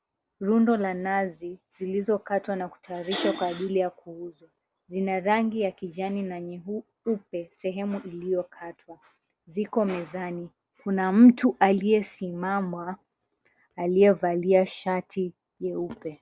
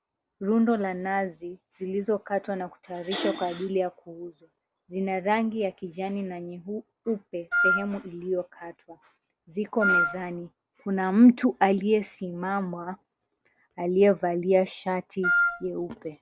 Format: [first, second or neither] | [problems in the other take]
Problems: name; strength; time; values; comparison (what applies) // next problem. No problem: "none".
first | background sound (Wind instrument, woodwind instrument); 2 dB above the speech